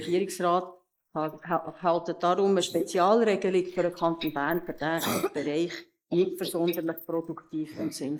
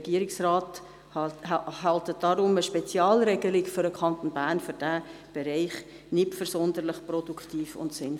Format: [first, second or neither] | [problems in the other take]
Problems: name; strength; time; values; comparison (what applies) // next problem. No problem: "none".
second | noise reduction (neural mask model Resemble Enhance denoiser)